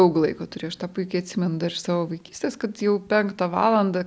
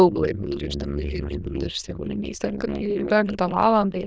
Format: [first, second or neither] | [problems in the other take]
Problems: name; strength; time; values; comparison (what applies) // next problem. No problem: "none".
first | noise reduction (neural diffusion model UNIVERSE++)